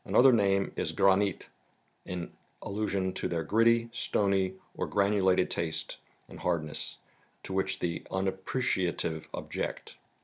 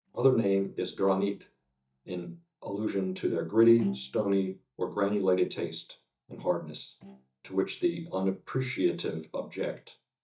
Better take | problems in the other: first | noise reduction (neural mask model DeepFilterNet 3)

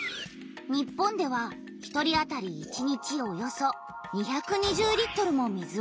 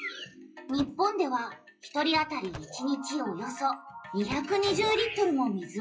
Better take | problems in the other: first | noise reduction (classical method WPE with log-MMSE)

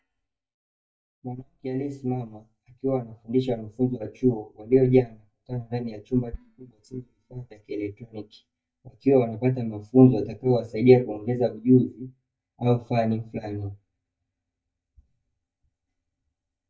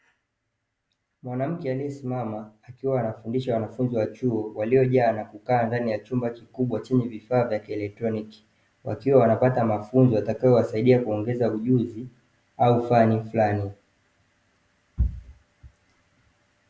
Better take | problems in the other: second | noise reduction (neural mask model DeepFilterNet 3)

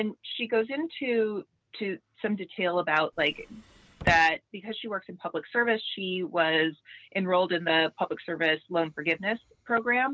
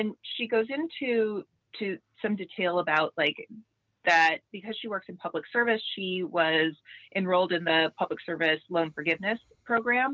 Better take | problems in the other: second | background sound (Drawer open or close); 10 dB below the speech

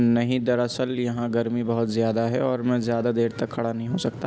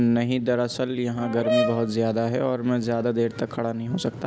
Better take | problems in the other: first | background sound (Brass instrument); 5 dB below the speech

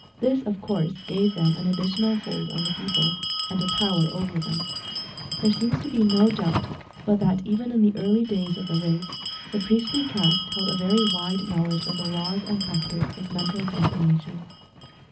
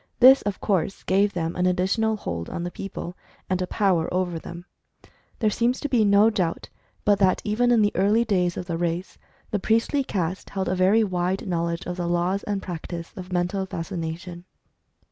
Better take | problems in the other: second | background sound (Bell); 7 dB below the speech // room echo; dies away in 0.4 s

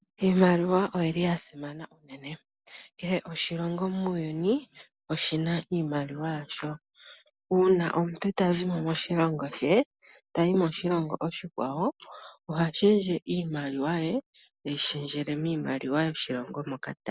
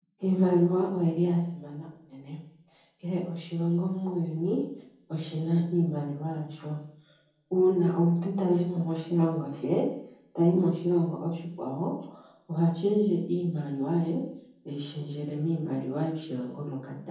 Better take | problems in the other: first | room echo; dies away in 0.7 s

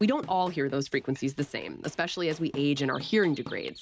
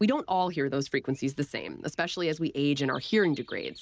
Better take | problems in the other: second | background sound (Drum / Drum kit); 20 dB below the speech

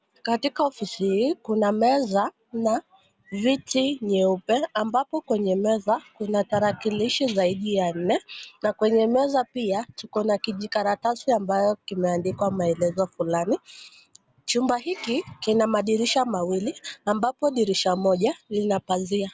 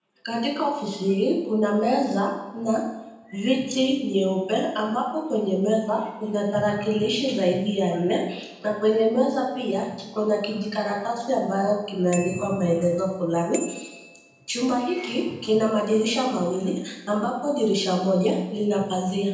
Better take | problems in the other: first | background sound (Bicycle bell); 17 dB below the speech // room echo; dies away in 0.8 s

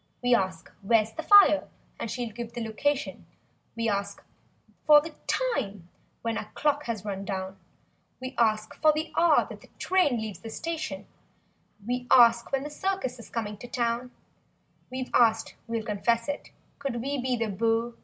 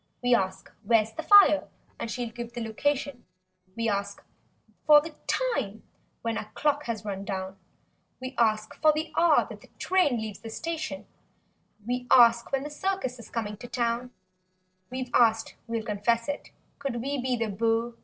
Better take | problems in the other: first | noise reduction (neural separator model SepFormer DNS4)

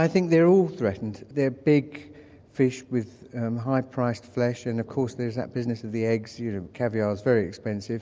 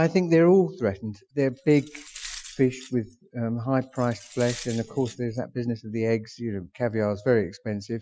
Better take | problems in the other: first | noise reduction (classical method Wiener filter)

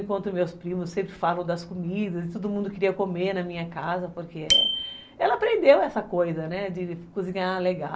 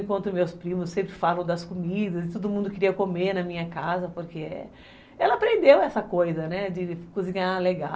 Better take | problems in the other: second | background sound (Bicycle bell); 8 dB below the speech

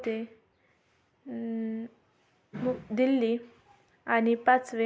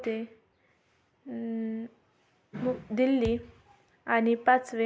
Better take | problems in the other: first | background sound (Thump, thud); 13 dB below the speech

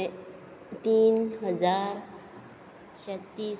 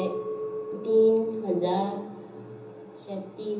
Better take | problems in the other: first | background sound (Chink, clink); 10 dB below the speech // room echo; dies away in 1.2 s

